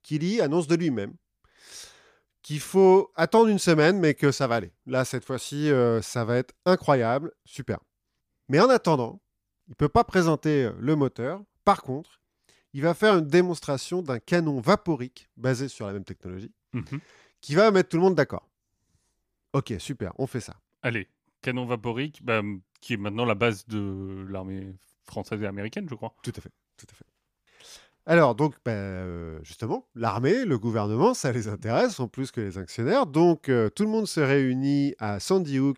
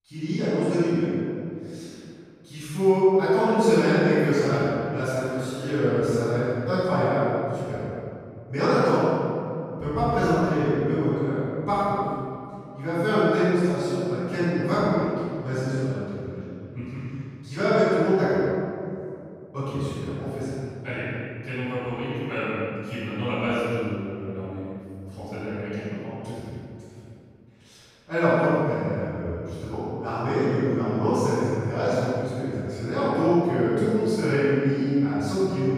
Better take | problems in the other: first | off-mic speech; far // room echo; strong; dies away in 2.4 s

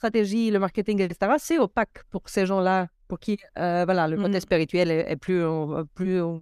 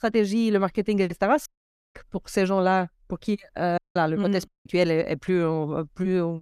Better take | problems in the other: first | audio cutting out; at 1.5 s, at 4 s and at 4.5 s

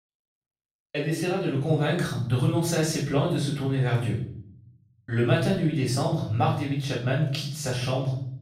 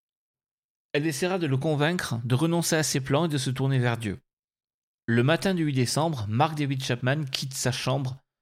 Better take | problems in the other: second | off-mic speech; far // room echo; noticeable; dies away in 0.6 s

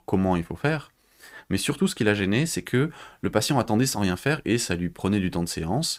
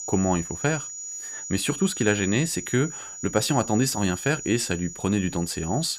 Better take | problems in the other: first | high-pitched whine; loud; throughout; 7 kHz, 8 dB below the speech

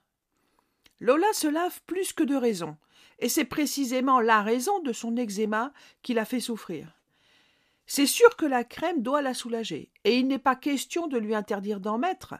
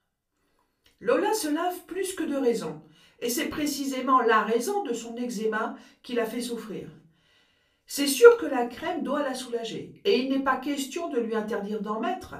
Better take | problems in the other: first | off-mic speech; far // room echo; very slight; dies away in 0.3 s

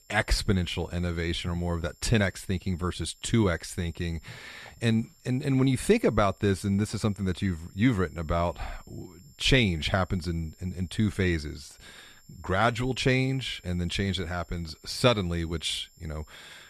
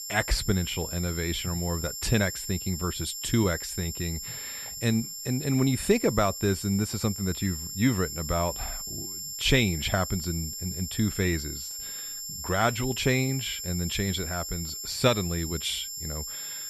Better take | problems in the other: first | high-pitched whine; loud; throughout; 7.5 kHz, 6 dB below the speech; faint in the first

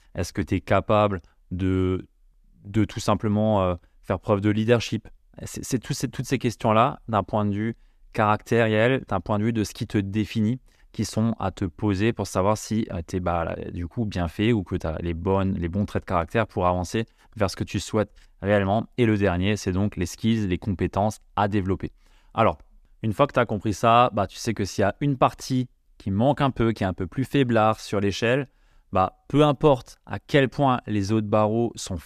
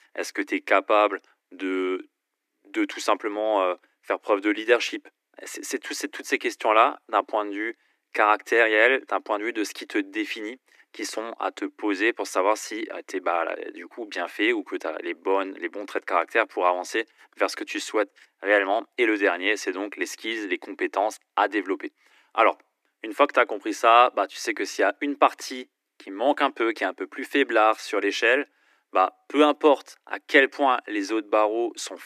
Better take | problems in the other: first | thin; somewhat; fading below 300 Hz

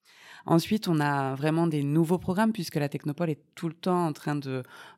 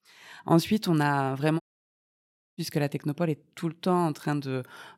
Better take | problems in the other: first | audio cutting out; at 1.5 s for 1 s

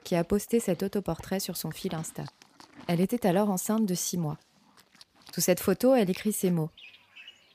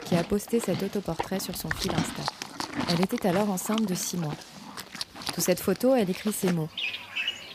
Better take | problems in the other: first | animal sounds; loud; throughout; 6 dB below the speech; faint in the first

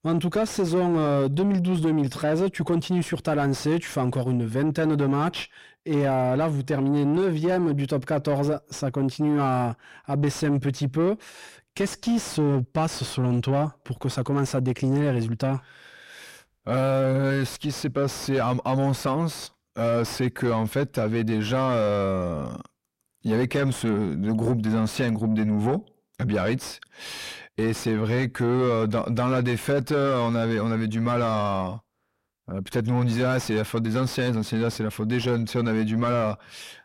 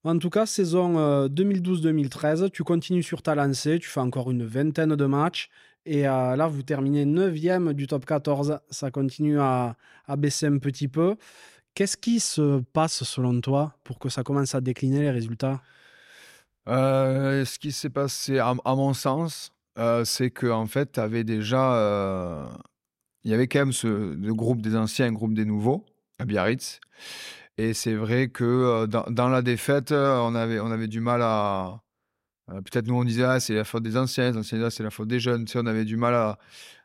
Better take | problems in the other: second | distortion; slight; 10 dB below the speech

